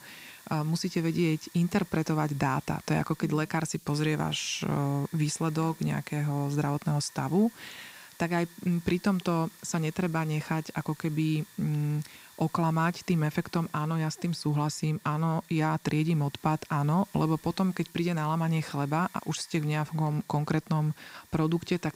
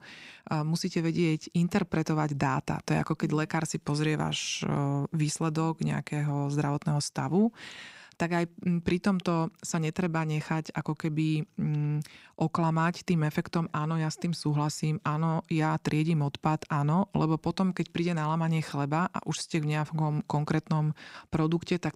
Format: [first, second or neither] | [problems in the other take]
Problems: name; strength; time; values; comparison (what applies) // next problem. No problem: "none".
second | hiss; faint; throughout; 20 dB below the speech